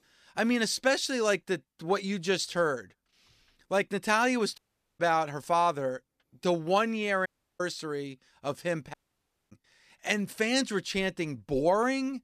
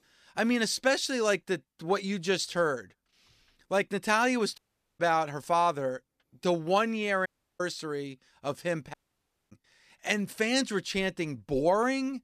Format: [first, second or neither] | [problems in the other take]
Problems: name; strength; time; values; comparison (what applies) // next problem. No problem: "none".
neither | audio cutting out; at 4.5 s, at 7.5 s and at 9 s for 0.5 s; the same in both